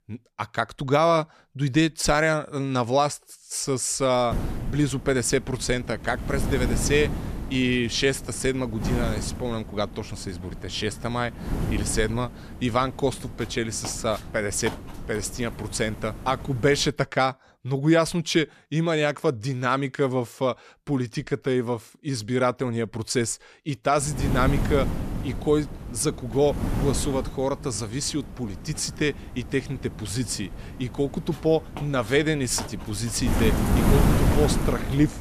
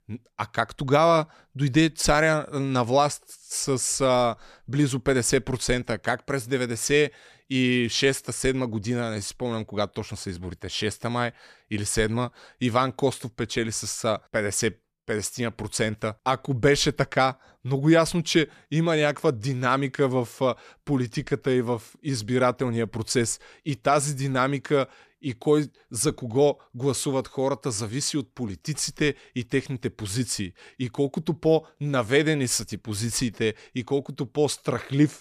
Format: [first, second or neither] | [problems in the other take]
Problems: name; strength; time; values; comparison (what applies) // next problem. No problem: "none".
second | wind noise on the microphone; heavy; from 4.5 to 17 s and from 24 s on; 9 dB below the speech